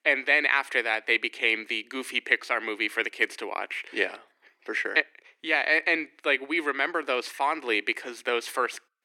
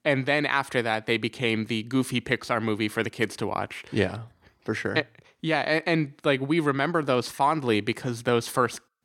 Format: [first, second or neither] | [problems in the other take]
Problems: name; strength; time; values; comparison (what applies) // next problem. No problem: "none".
second | thin; very; fading below 300 Hz